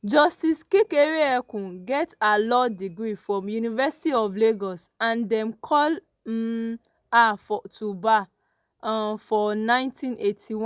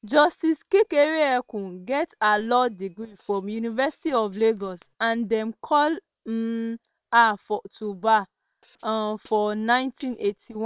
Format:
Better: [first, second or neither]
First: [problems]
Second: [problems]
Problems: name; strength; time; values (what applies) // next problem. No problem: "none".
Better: first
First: none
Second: noise reduction (neural separator model SepFormer WHAM!)